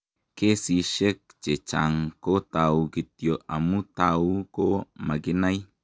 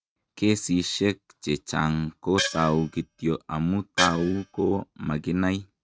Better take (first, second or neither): first